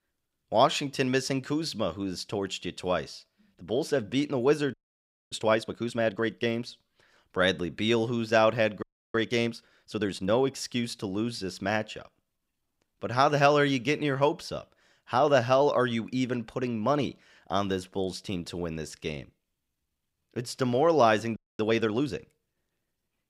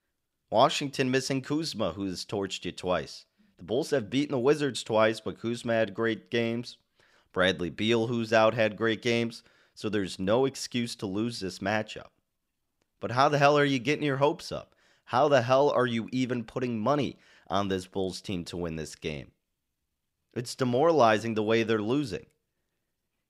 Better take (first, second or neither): second